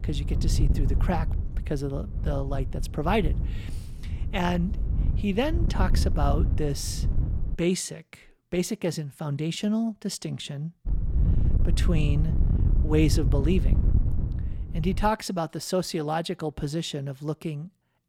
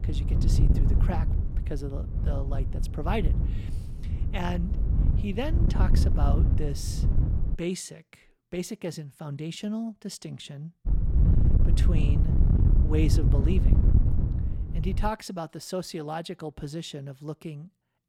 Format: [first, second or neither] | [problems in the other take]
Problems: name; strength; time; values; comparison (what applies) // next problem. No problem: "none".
first | wind noise on the microphone; heavy; until 7.5 s and from 11 to 15 s; 4 dB below the speech; occasional gusts in the first